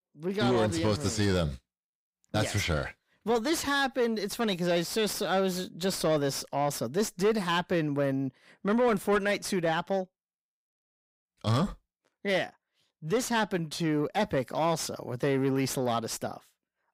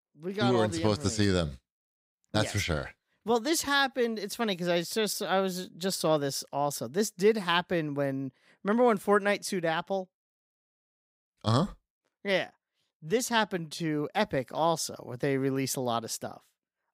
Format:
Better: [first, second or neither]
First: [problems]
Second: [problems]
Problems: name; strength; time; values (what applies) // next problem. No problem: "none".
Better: second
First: distortion; slight; 10 dB below the speech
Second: none